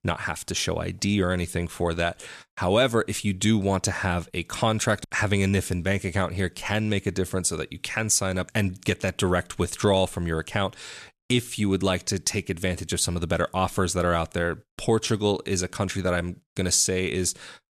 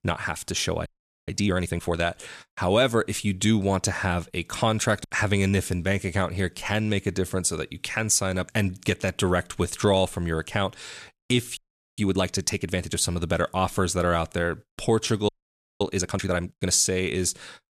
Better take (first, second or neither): first